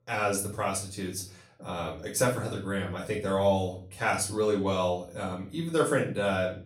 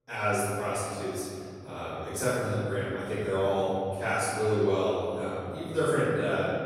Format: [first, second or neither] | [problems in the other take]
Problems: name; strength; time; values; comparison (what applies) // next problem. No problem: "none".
first | room echo; strong; dies away in 2.4 s; slight in the first // off-mic speech; far; far in the first